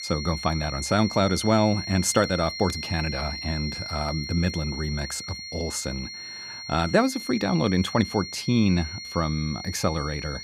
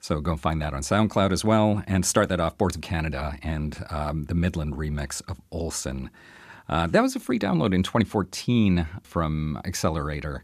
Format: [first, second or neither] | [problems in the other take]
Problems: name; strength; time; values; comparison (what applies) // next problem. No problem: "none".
second | high-pitched whine; loud; throughout; 4.5 kHz, 8 dB below the speech